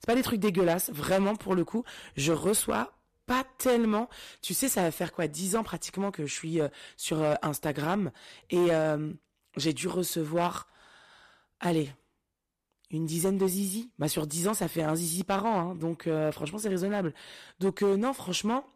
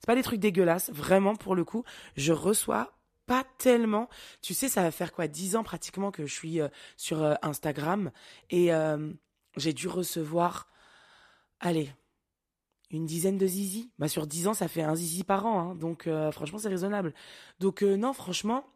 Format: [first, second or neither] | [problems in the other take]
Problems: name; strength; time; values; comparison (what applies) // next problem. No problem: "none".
second | distortion; slight; 5% of the sound clipped